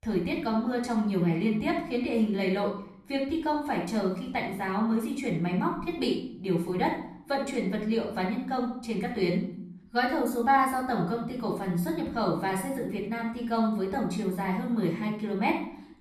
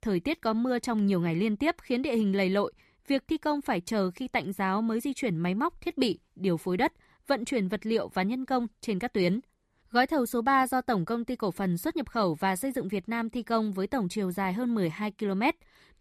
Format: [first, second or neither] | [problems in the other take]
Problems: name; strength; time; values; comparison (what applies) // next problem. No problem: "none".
second | off-mic speech; far // room echo; noticeable; dies away in 0.6 s